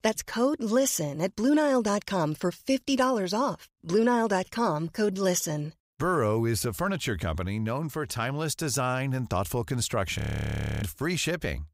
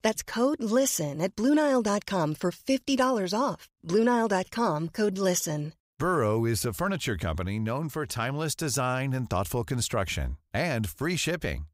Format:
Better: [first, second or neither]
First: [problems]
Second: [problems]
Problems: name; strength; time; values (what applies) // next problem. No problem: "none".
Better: second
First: audio freezing; at 10 s for 0.5 s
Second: none